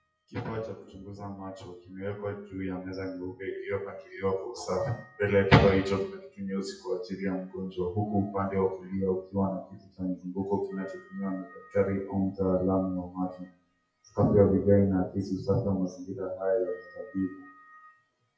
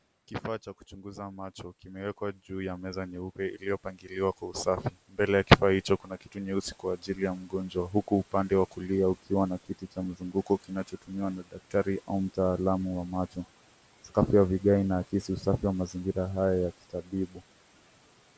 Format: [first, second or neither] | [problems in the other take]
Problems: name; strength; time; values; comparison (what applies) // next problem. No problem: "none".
second | noise reduction (classical method WPE with log-MMSE)